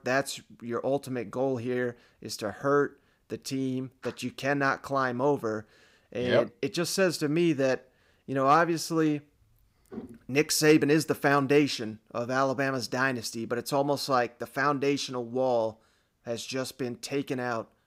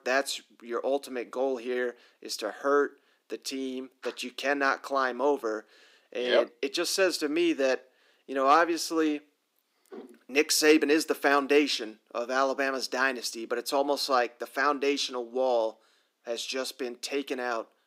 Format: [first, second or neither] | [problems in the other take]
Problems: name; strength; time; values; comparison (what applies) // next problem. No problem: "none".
first | thin; very slightly; fading below 300 Hz